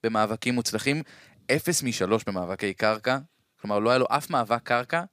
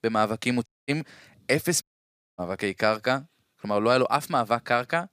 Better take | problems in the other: first | audio cutting out; at 0.5 s and at 2 s for 0.5 s

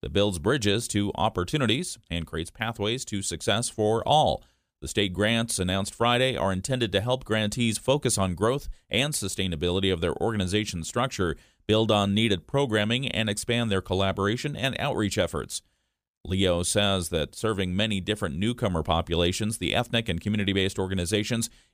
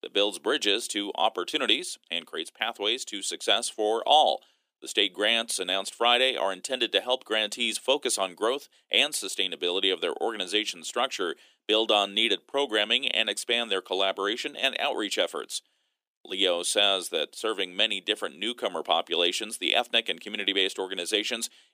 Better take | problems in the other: first | thin; somewhat; fading below 300 Hz

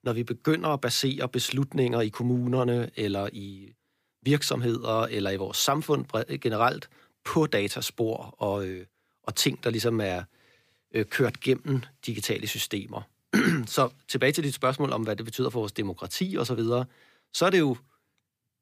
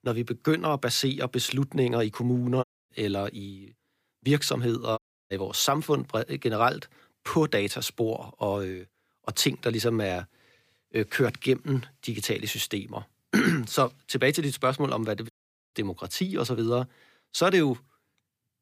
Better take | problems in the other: first | audio cutting out; at 2.5 s, at 5 s and at 15 s

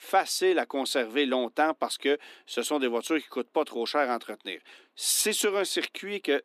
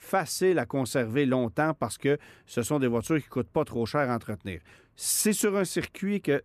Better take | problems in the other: second | thin; somewhat; fading below 250 Hz

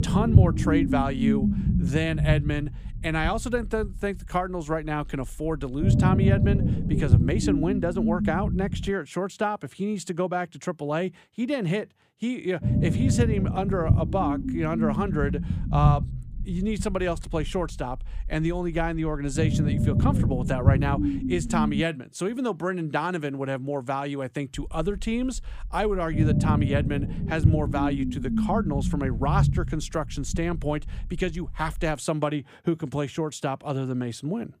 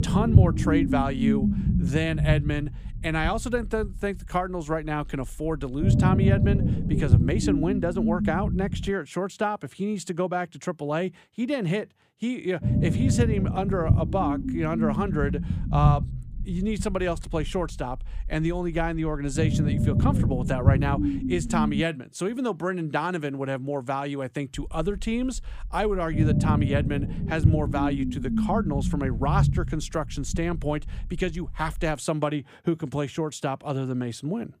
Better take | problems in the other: neither | low rumble; loud; until 9 s, from 13 to 22 s and from 25 to 32 s; 4 dB below the speech; the same in both

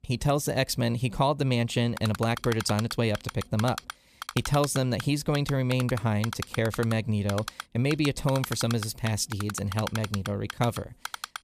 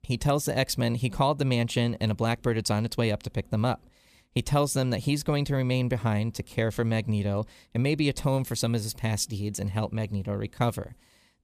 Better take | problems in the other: second | keyboard typing; noticeable; from 2 s on; peak 8 dB below the speech

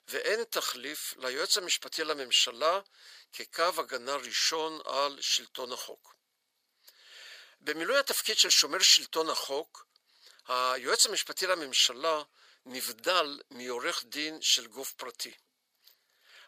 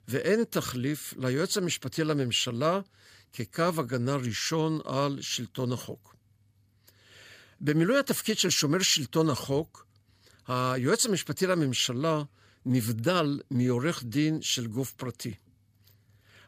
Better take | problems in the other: second | thin; very; fading below 550 Hz

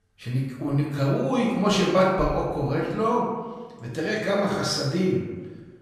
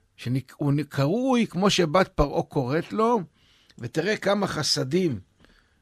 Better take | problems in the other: second | room echo; noticeable; dies away in 1.1 s // off-mic speech; far

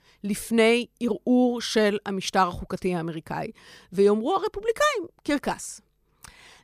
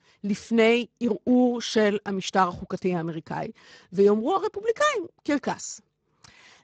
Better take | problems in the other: first | garbled, watery; badly; nothing above 7.5 kHz

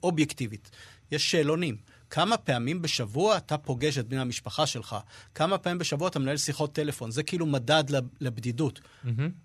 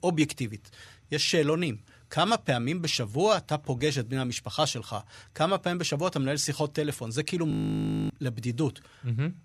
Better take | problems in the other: first | audio freezing; at 7.5 s for 0.5 s

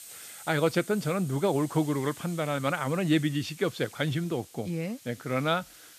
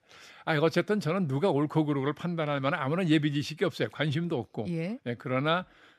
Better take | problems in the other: second | hiss; noticeable; throughout; 15 dB below the speech

